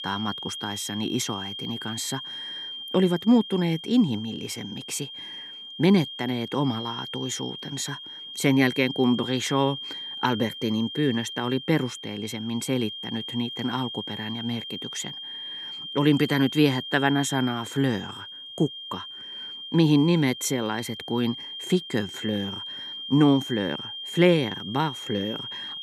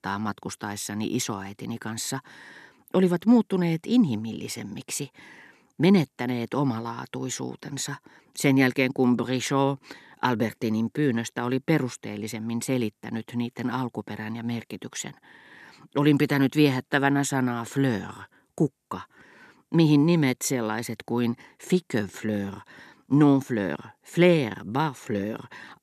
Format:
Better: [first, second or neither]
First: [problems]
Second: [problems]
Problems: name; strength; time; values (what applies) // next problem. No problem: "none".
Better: second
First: high-pitched whine; loud; throughout; 3 kHz, 9 dB below the speech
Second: none